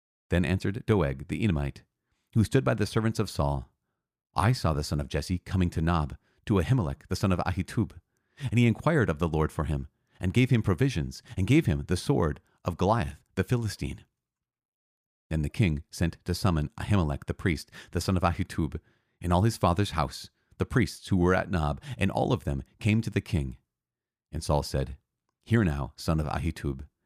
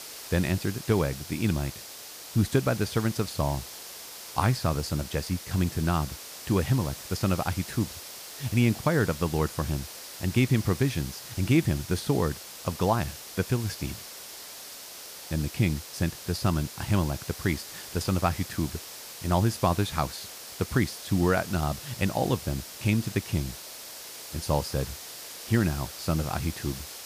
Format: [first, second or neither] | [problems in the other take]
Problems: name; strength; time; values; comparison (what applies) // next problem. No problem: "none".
first | hiss; noticeable; throughout; 10 dB below the speech